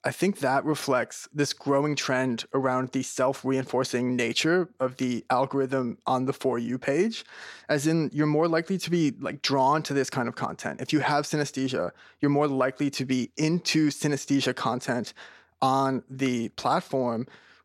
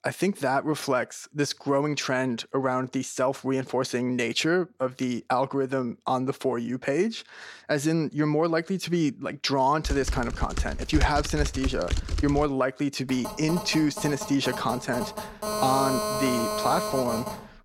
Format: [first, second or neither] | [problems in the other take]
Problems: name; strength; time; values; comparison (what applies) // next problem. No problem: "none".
first | keyboard typing; noticeable; from 10 to 12 s; peak 2 dB below the speech // phone ringing; noticeable; from 13 s on; peak level with the speech